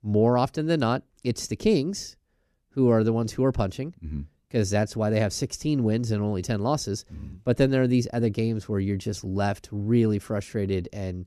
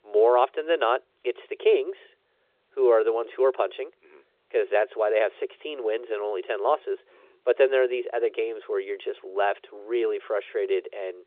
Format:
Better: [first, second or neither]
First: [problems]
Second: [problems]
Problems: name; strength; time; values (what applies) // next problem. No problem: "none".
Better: first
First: none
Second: phone-call audio